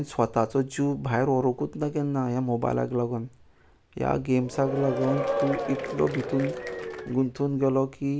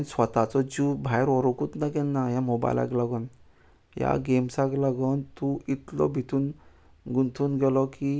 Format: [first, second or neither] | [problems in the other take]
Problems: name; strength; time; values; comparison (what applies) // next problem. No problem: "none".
second | background sound (Applause / Crowd / Cheering); 5 dB below the speech